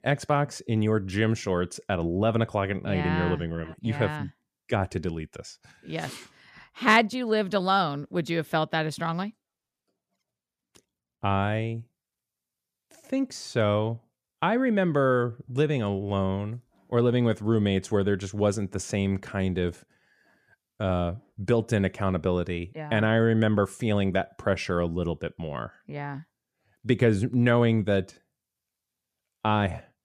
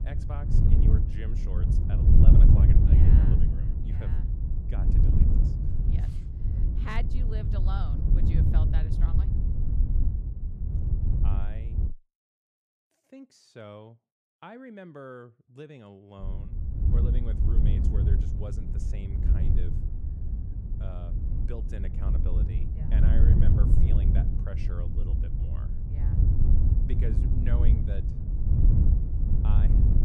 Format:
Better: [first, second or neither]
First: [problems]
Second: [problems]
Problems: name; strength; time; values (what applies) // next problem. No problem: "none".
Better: first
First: none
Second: wind noise on the microphone; heavy; until 12 s and from 16 s on; 4 dB above the speech